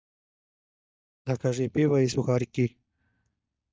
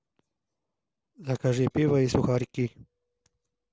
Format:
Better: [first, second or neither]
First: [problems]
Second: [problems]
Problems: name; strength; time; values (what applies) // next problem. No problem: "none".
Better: second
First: noise reduction (neural mask model DeepFilterNet 3)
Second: none